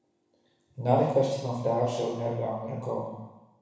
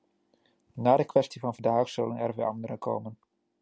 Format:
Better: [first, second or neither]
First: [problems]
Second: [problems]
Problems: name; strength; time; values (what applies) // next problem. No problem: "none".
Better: second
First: room echo; dies away in 1 s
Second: none